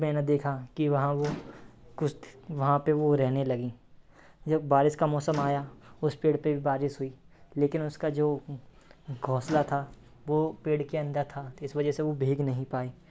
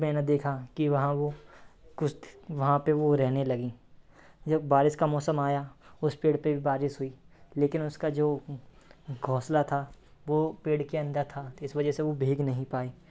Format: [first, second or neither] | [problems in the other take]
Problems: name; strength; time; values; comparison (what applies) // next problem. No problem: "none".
second | background sound (Microwave oven); 19 dB below the speech